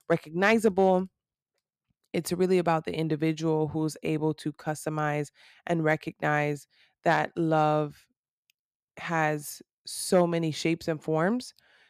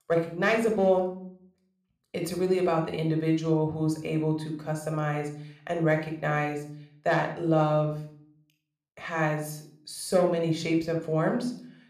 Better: first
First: none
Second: room echo; slight; dies away in 0.5 s

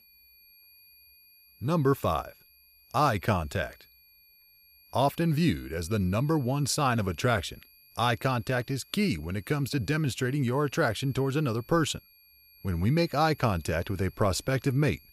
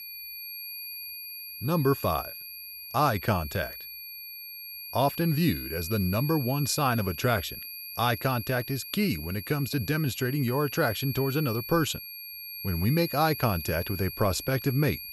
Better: first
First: high-pitched whine; faint; throughout; 11.5 kHz, 25 dB below the speech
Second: high-pitched whine; loud; throughout; 11.5 kHz, 9 dB below the speech

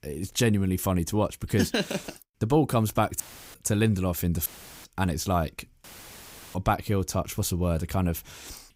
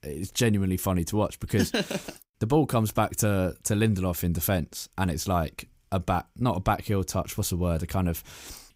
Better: second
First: audio cutting out; filled with static; at 3 s, at 4.5 s and at 6 s for 0.5 s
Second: none

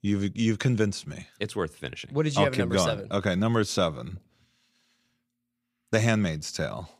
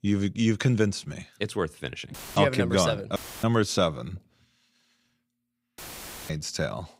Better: first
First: none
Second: audio cutting out; filled with static; at 2 s, at 3 s and at 6 s for 0.5 s

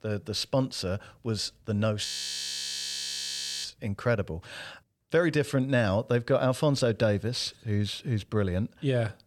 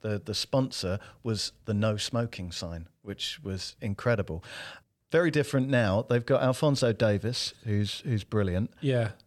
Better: second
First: audio freezing; at 2 s for 1.5 s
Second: none

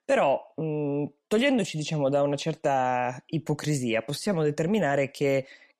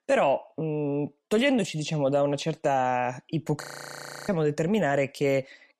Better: first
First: none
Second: audio freezing; at 3.5 s for 0.5 s

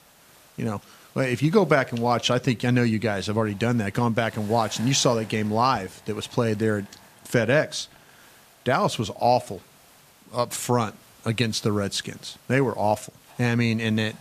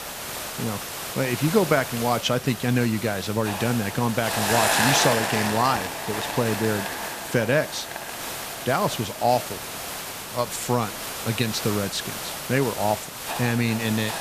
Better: first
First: hiss; faint; throughout; 25 dB below the speech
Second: hiss; loud; throughout; 4 dB below the speech

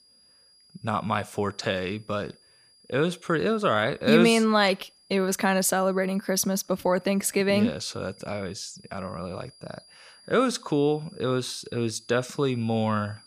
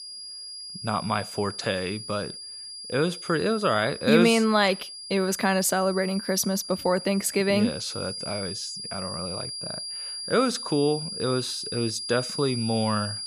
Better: first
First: high-pitched whine; faint; throughout; 5 kHz, 30 dB below the speech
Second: high-pitched whine; loud; throughout; 5 kHz, 9 dB below the speech

